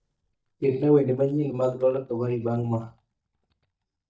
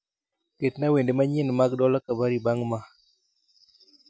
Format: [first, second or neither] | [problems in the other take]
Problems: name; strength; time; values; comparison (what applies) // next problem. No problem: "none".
second | noise reduction (neural mask model DeepFilterNet 3)